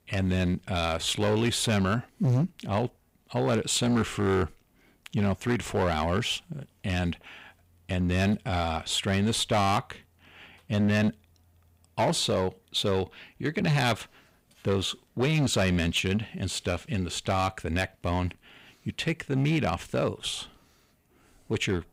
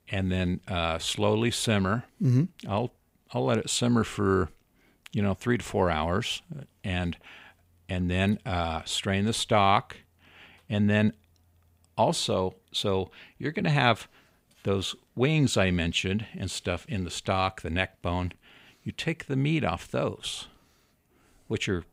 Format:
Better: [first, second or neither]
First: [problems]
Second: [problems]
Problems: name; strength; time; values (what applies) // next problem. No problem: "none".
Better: second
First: distortion; slight; 6% of the sound clipped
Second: none